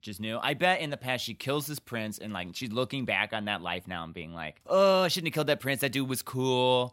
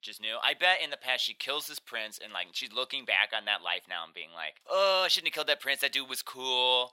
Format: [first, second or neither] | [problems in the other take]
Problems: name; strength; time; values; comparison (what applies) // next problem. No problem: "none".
first | thin; very; fading below 650 Hz